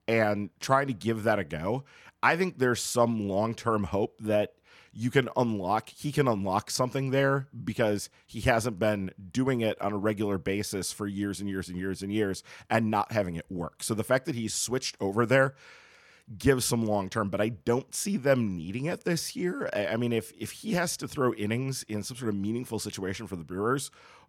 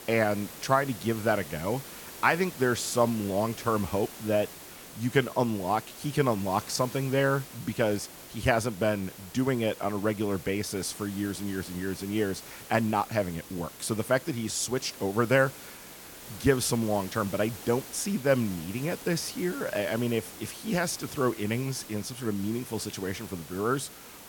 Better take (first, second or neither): first